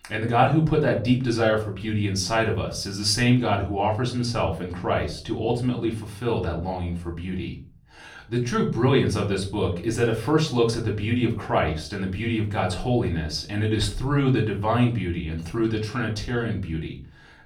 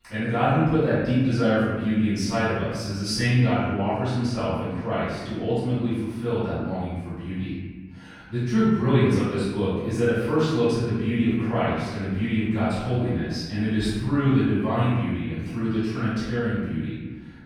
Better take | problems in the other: first | room echo; strong; dies away in 1.4 s; slight in the first // off-mic speech; far; somewhat distant in the first

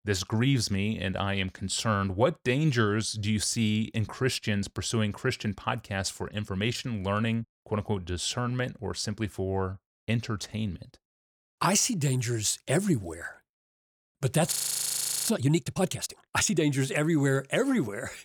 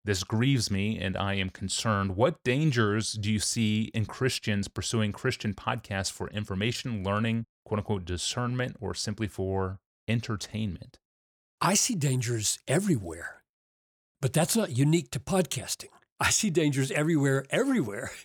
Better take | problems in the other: second | audio freezing; at 15 s for 1 s

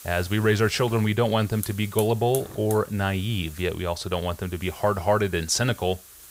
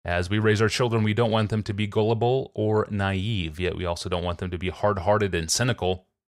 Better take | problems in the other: second | hiss; noticeable; throughout; 15 dB below the speech

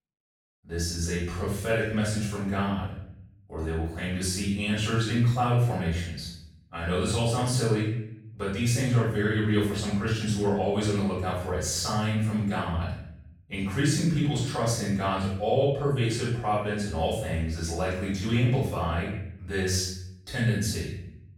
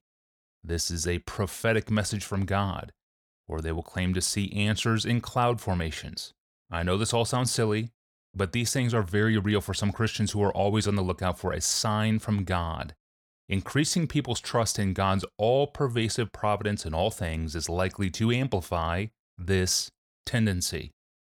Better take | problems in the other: second | off-mic speech; far // room echo; strong; dies away in 0.7 s

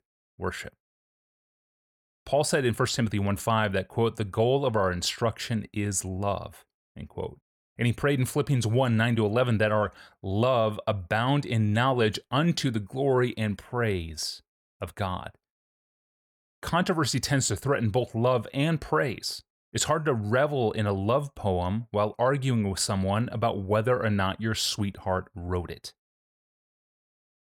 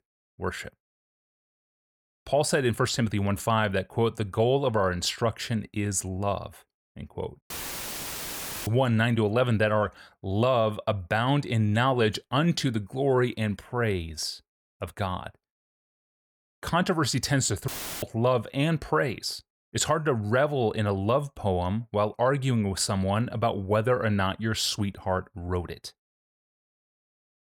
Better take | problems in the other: first | audio cutting out; filled with static; at 7.5 s for 1 s and at 18 s

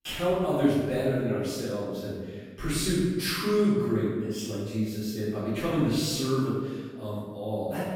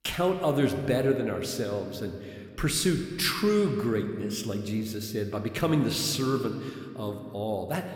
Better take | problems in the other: second | room echo; strong; dies away in 1.4 s; slight in the second // off-mic speech; far

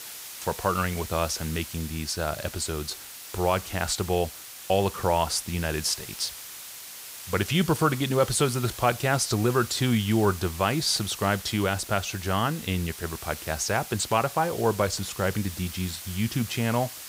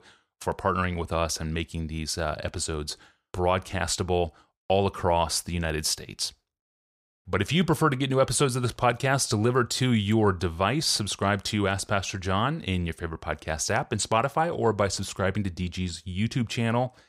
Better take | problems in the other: second | hiss; noticeable; throughout; 10 dB below the speech

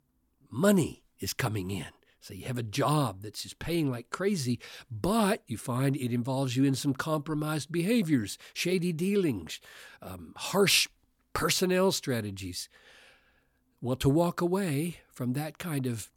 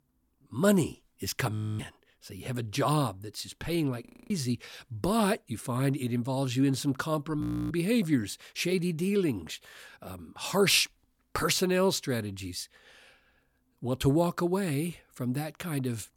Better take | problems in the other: first | audio freezing; at 1.5 s, at 4 s and at 7.5 s

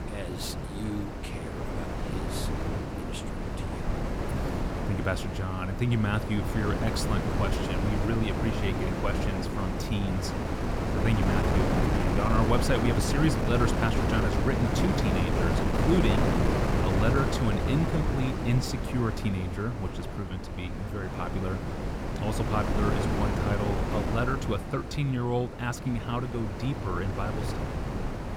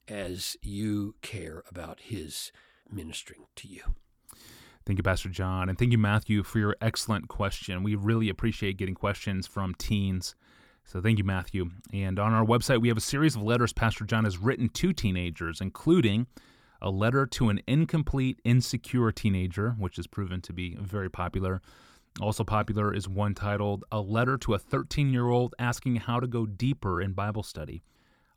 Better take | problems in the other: second | wind noise on the microphone; heavy; as loud as the speech

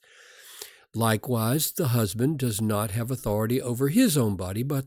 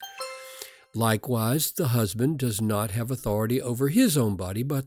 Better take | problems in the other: first | alarm; faint; at the start; peak 10 dB below the speech

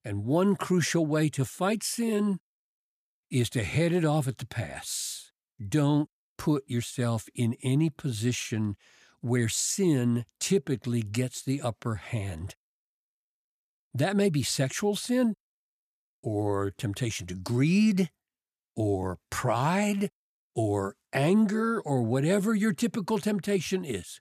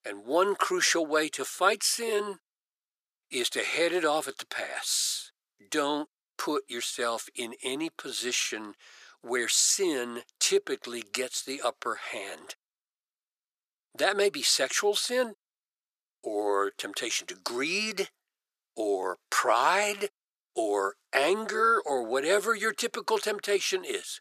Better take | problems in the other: first | thin; very; fading below 400 Hz

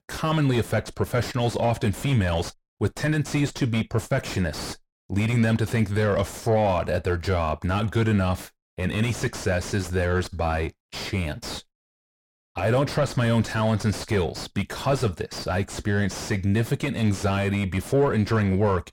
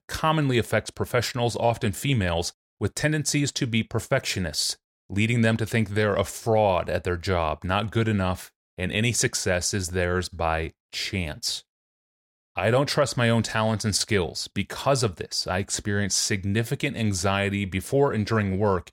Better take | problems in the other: second | distortion; heavy; 6 dB below the speech

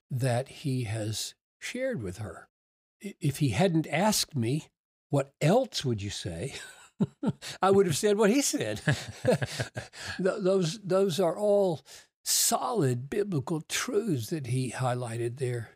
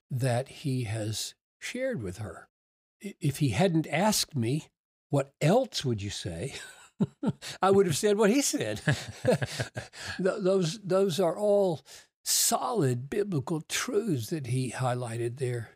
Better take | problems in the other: neither | none

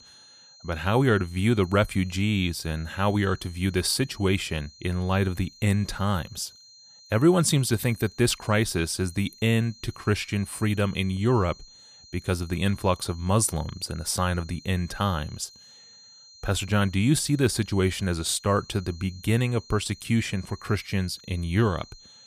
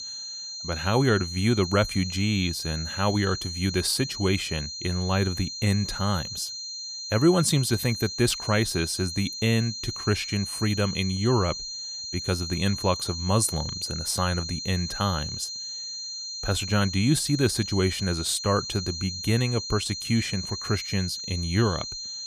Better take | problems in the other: first | high-pitched whine; loud; throughout; 4 kHz, 6 dB below the speech; faint in the first

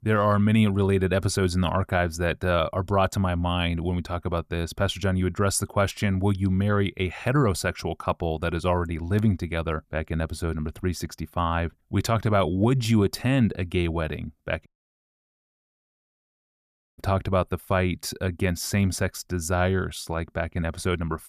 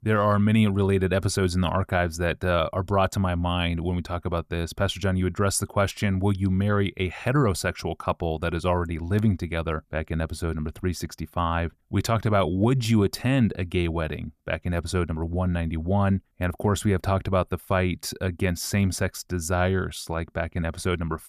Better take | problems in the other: second | audio cutting out; at 15 s for 2.5 s

